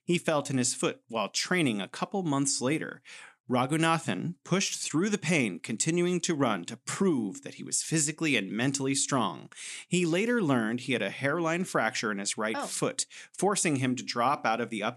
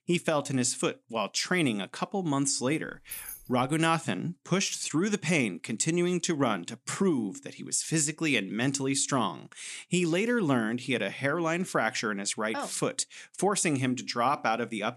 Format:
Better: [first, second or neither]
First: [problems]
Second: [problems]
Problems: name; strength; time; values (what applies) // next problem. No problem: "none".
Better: first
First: none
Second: jangling keys; faint; at 3 s; peak 10 dB below the speech